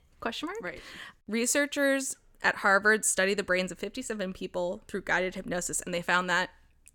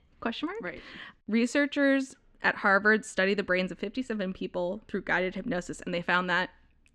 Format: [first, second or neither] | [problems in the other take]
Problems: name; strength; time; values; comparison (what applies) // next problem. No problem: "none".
first | muffled; slightly; fading above 3.5 kHz